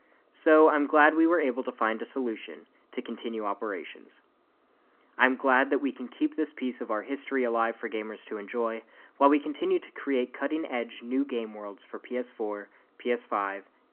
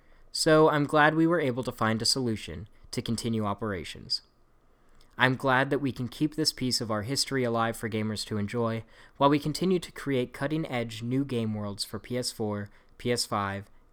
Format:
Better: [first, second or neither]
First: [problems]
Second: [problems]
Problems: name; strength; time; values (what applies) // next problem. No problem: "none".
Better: second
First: phone-call audio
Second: none